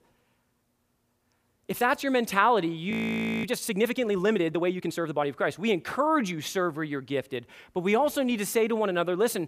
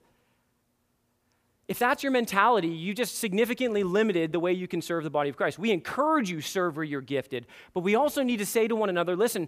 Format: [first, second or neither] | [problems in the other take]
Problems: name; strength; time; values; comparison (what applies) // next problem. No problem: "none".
second | audio freezing; at 3 s for 0.5 s